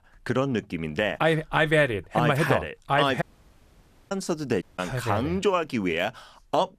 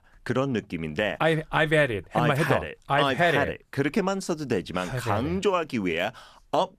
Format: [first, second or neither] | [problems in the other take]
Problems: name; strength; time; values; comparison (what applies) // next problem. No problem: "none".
second | audio cutting out; at 3 s for 1 s and at 4.5 s